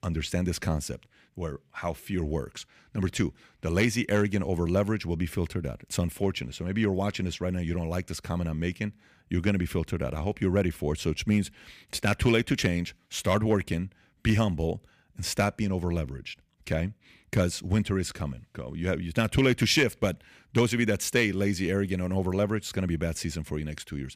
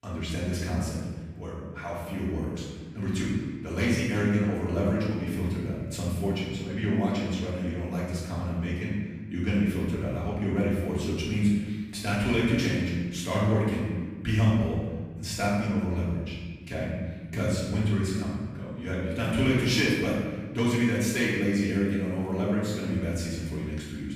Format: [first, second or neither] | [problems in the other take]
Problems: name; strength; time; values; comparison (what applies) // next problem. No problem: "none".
first | off-mic speech; far // room echo; strong; dies away in 1.4 s